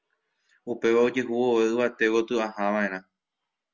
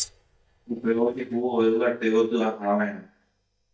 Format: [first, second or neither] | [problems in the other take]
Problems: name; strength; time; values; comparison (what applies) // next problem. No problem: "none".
first | noise reduction (neural mask model DeepFilterNet 3)